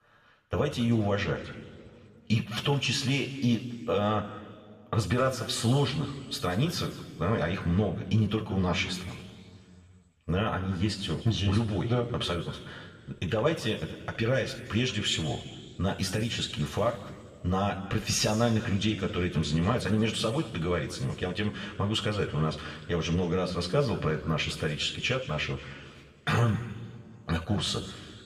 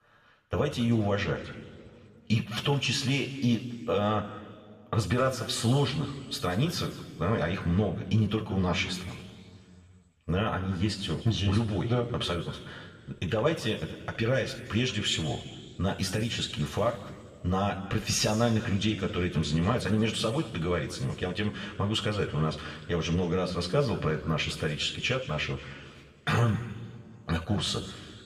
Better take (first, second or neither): neither